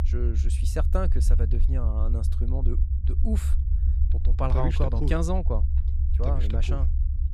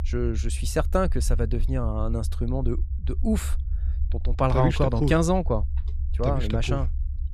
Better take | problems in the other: second | low rumble; loud; throughout; 10 dB below the speech; faint in the second

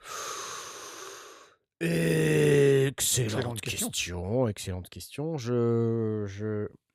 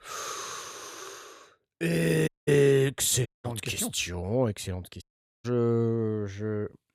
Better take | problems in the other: first | audio cutting out; at 2.5 s, at 3.5 s and at 5 s

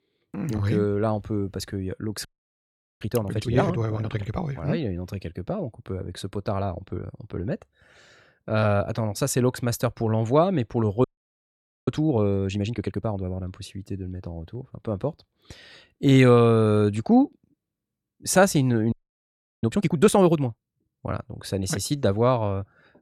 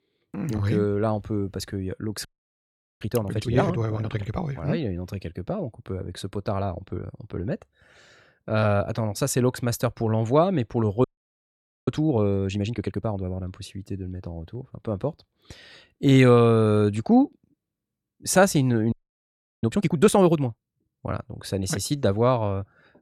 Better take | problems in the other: neither | audio freezing; at 2.5 s for 1 s, at 11 s for 1 s and at 19 s for 0.5 s; the same in both

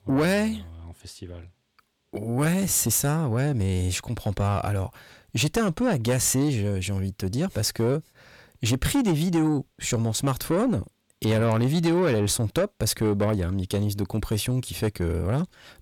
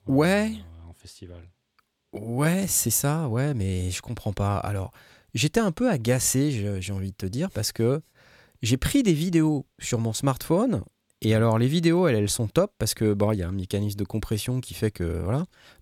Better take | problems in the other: second | distortion; slight; 10 dB below the speech

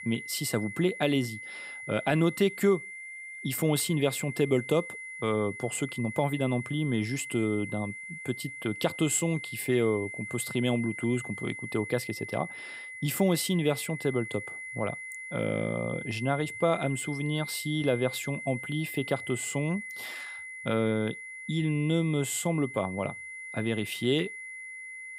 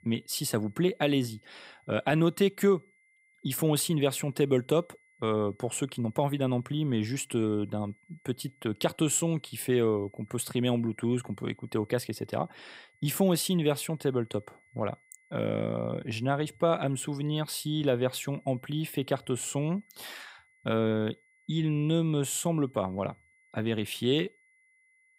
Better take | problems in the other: second | high-pitched whine; loud; throughout; 2 kHz, 9 dB below the speech; faint in the second

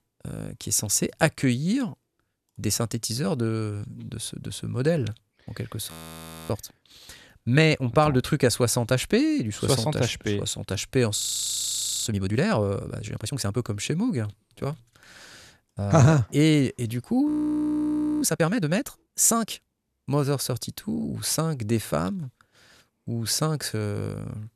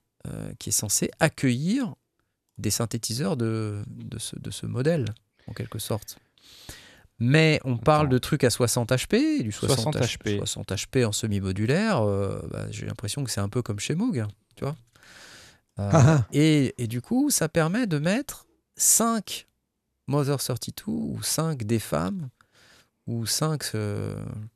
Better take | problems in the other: second | audio freezing; at 6 s for 0.5 s, at 11 s for 1 s and at 17 s for 1 s

